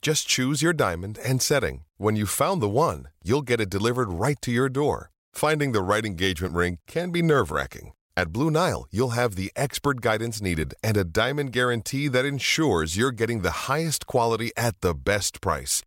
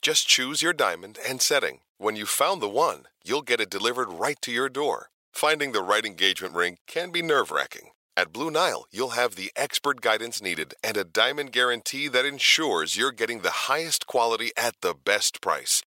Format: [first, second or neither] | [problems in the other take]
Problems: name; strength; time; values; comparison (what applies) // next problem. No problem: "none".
first | thin; somewhat; fading below 450 Hz